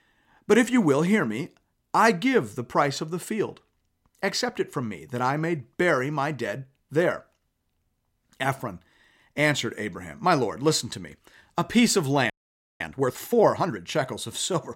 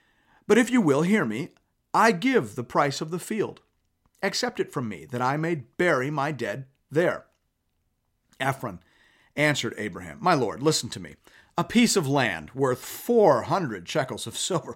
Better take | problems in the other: second | audio freezing; at 12 s for 0.5 s

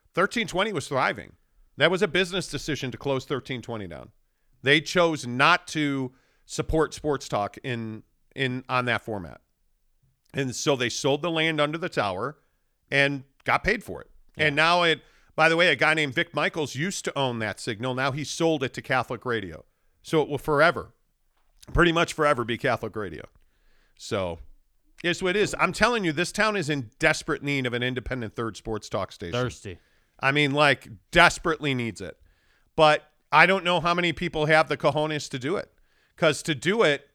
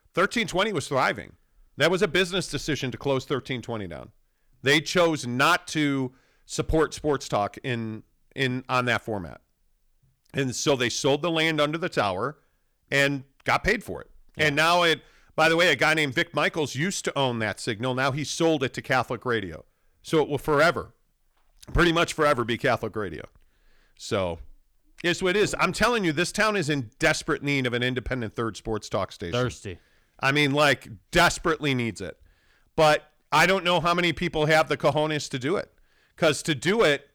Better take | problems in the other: first | distortion; slight; 3% of the sound clipped

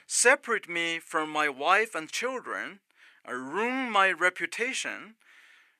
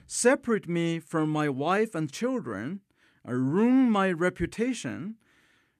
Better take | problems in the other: second | thin; very; fading below 700 Hz

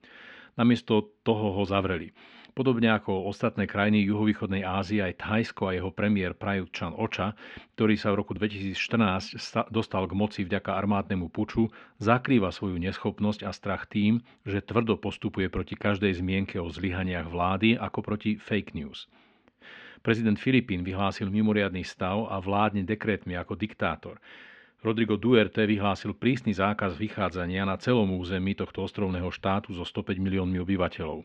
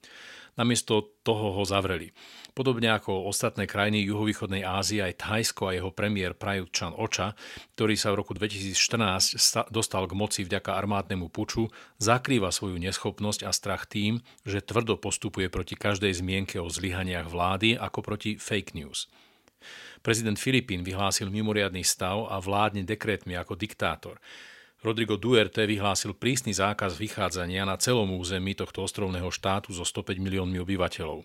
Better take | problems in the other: second | muffled; very; fading above 3 kHz

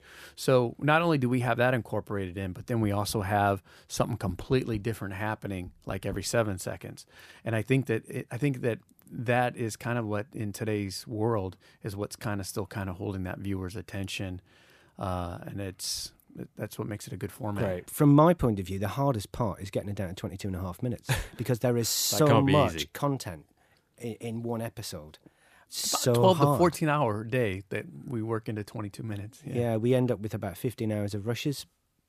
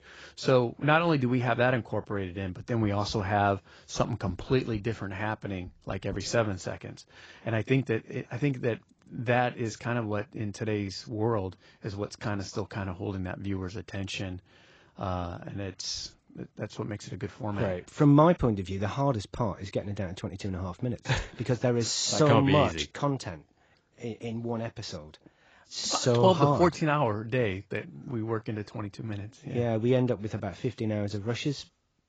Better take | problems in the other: first | garbled, watery; badly; nothing above 7.5 kHz

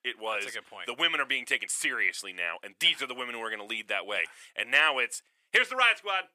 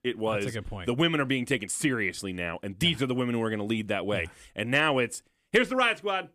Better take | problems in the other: second | thin; very; fading below 750 Hz

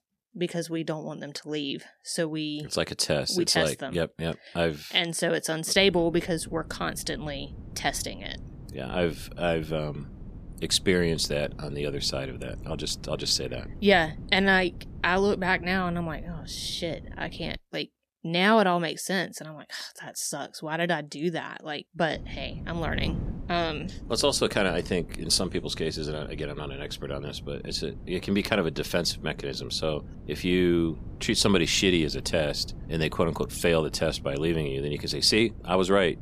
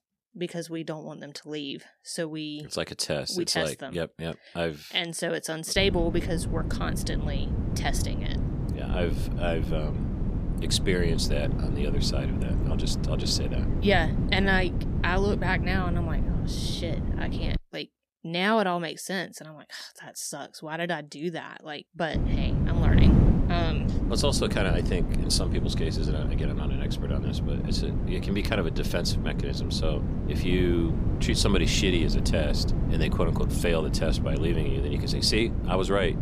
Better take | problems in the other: first | wind noise on the microphone; heavy; from 6 to 18 s and from 22 s on; 7 dB below the speech; occasional gusts in the first

